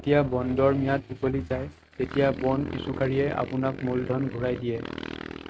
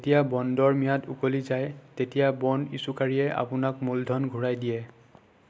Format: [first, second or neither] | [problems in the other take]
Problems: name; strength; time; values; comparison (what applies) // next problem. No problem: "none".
second | noise reduction (neural mask model RNNoise)